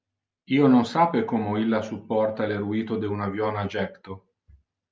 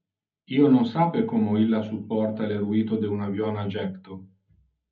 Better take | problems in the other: first | room echo; dies away in 0.4 s

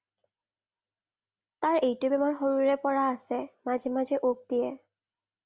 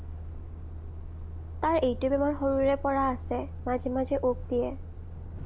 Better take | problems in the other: first | background sound (Truck); 8 dB below the speech

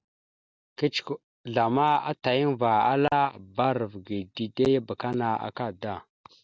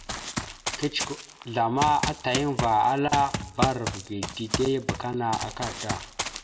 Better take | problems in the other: first | background sound (Run); 5 dB below the speech // room echo; dies away in 0.8 s

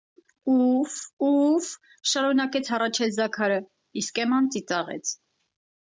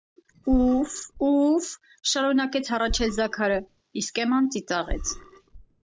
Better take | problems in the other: first | background sound (Burping, eructation); 10 dB below the speech

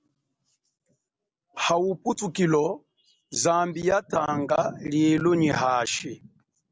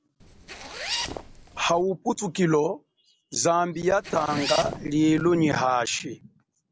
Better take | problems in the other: first | background sound (Zipper (clothing)); 10 dB below the speech

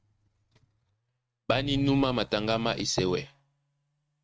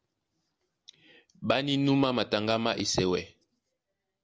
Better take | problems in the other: second | noise reduction (neural mask model RNNoise)

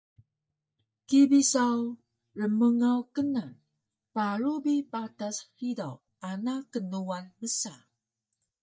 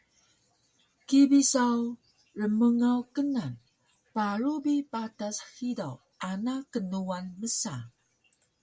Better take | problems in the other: second | noise reduction (neural mask model DeepFilterNet 3)

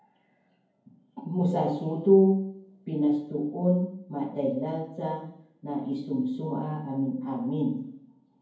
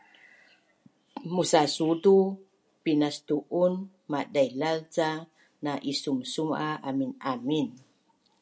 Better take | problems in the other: second | room echo; dies away in 0.9 s

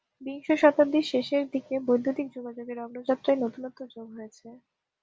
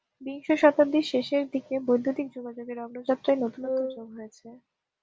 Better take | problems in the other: first | background sound (Wind instrument, woodwind instrument); 4 dB below the speech

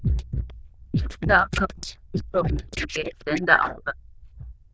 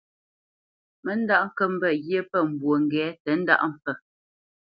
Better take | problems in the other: second | noise reduction (neural diffusion model UNIVERSE++)

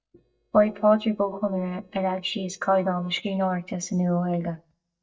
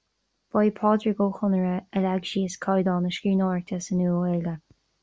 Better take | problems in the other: second | noise reduction (neural mask model DeepFilterNet 3)

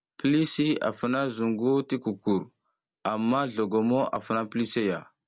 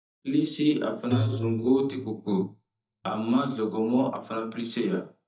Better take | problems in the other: first | noise reduction (neural mask model DeepFilterNet 3)

